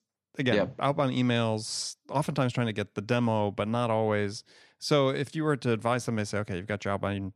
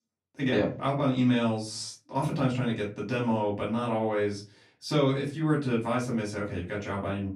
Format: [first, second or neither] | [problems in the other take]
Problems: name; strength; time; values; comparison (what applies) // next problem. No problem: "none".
first | off-mic speech; far // room echo; slight; dies away in 0.3 s